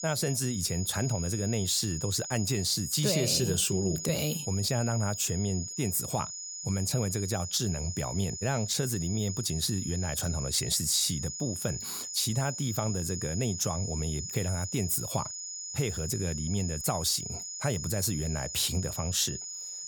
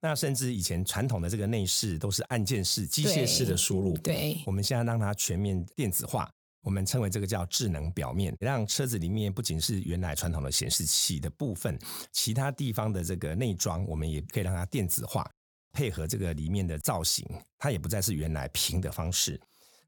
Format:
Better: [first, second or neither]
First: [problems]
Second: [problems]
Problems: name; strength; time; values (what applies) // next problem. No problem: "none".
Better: second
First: high-pitched whine; loud; throughout; 7 kHz, 6 dB below the speech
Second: none